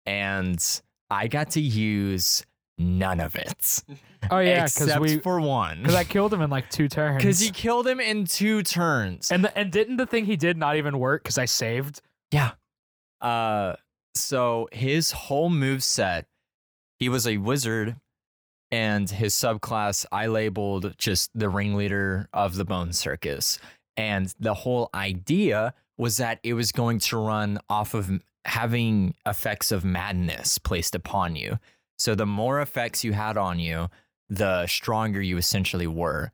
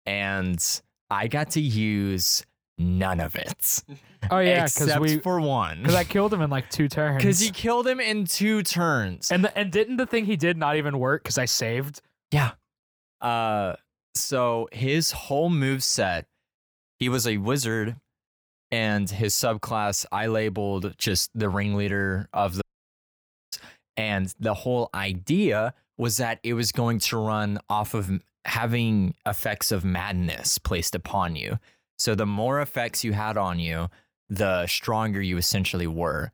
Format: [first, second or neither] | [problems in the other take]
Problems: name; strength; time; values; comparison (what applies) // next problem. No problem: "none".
first | audio cutting out; at 23 s for 1 s